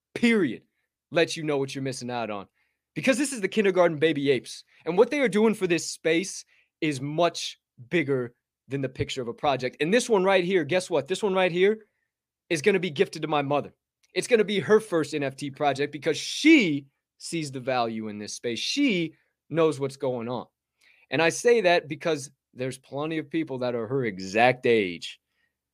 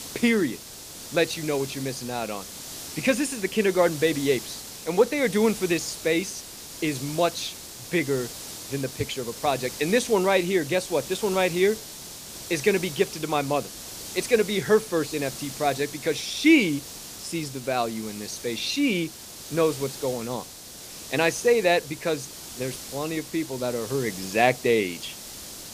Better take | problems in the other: first | hiss; noticeable; throughout; 10 dB below the speech

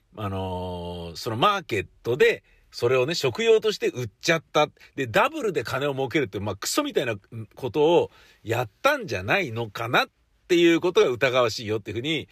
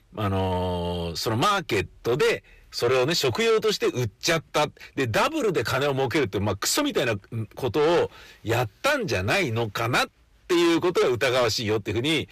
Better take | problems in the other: first | distortion; heavy; 7 dB below the speech

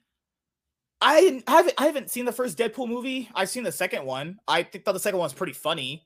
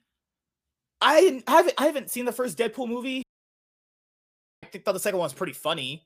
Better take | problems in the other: first | audio cutting out; at 3 s for 1.5 s

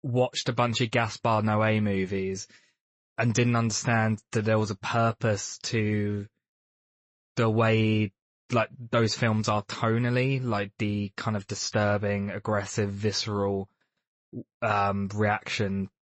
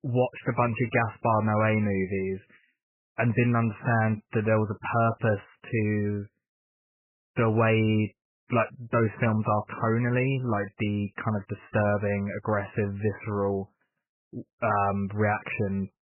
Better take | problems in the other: first | garbled, watery; badly; nothing above 3 kHz; slightly in the first

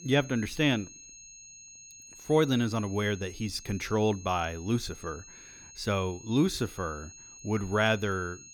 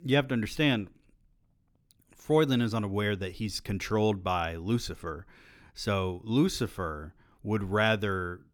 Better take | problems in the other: second | high-pitched whine; noticeable; throughout; 6.5 kHz, 20 dB below the speech

